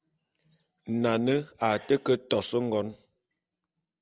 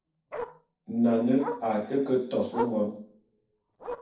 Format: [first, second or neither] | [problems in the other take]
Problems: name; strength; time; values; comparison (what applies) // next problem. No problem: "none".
first | noise reduction (neural separator model SepFormer DNS4)